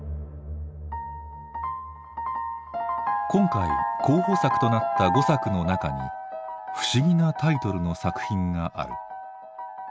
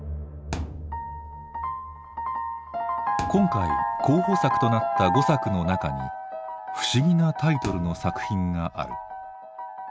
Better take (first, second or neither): first